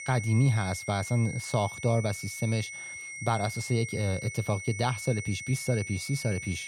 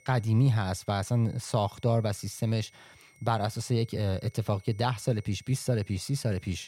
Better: second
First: high-pitched whine; loud; throughout; 2 kHz, 9 dB below the speech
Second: high-pitched whine; faint; throughout; 2 kHz, 30 dB below the speech

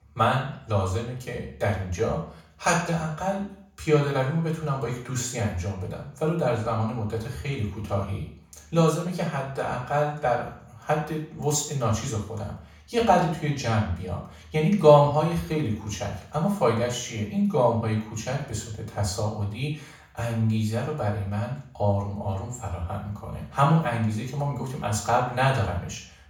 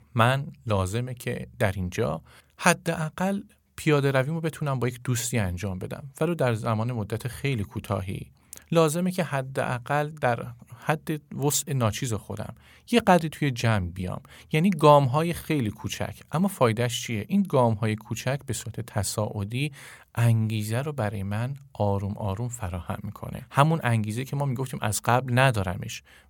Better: second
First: room echo; noticeable; dies away in 0.5 s // off-mic speech; far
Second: none

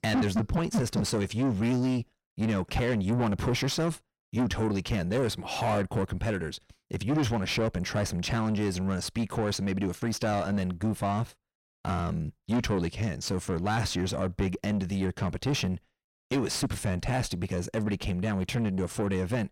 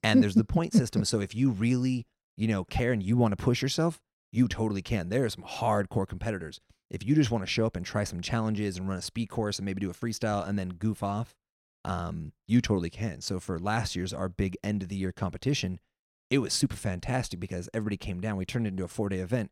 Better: second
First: distortion; heavy; 6 dB below the speech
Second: none

